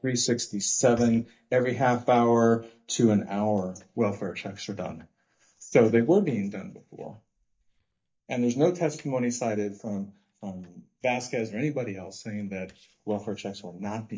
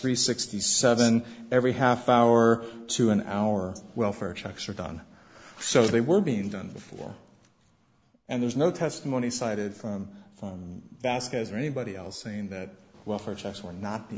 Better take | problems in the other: second | noise reduction (neural mask model DeepFilterNet 3)

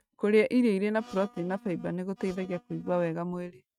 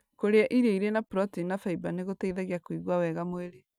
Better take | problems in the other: second | noise reduction (neural mask model RNNoise)

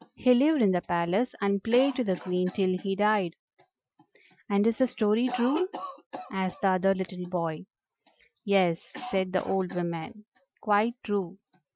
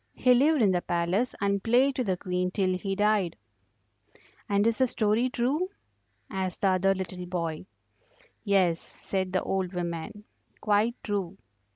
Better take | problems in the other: second | noise reduction (classical method Wiener filter)

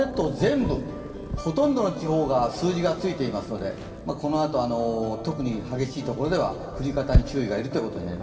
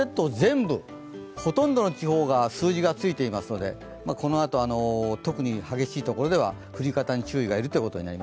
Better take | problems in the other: second | background sound (Purr); 7 dB below the speech // room echo; dies away in 2.6 s

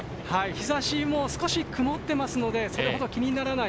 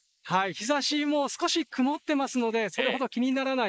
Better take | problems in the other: first | noise reduction (neural mask model Resemble Enhance denoiser)

